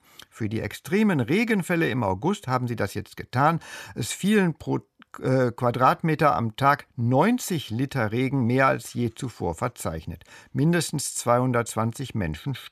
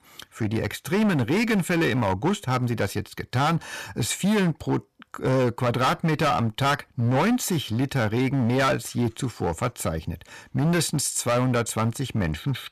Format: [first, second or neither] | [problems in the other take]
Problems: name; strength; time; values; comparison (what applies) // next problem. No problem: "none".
first | distortion; heavy; 14% of the sound clipped